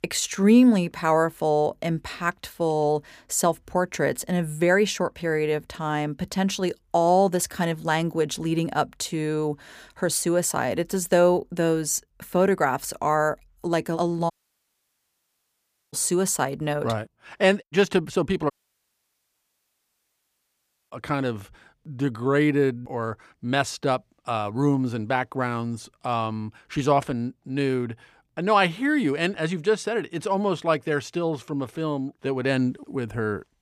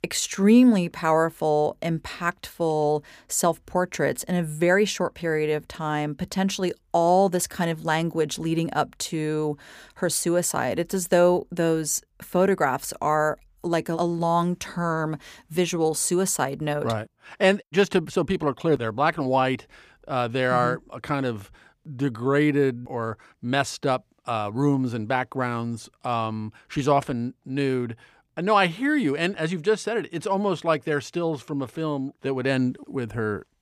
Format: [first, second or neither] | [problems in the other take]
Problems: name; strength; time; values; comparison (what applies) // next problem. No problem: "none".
second | audio cutting out; at 14 s for 1.5 s and at 19 s for 2.5 s